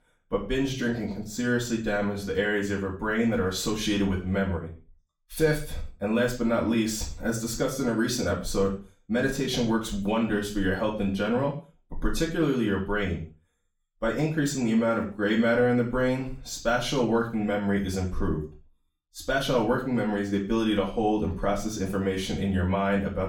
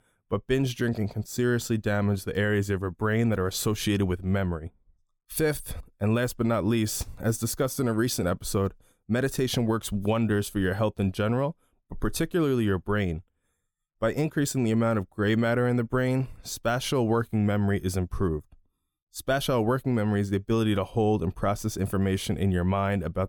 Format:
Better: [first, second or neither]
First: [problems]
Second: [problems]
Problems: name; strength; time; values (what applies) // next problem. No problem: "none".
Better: second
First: room echo; noticeable; dies away in 0.4 s // off-mic speech; far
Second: none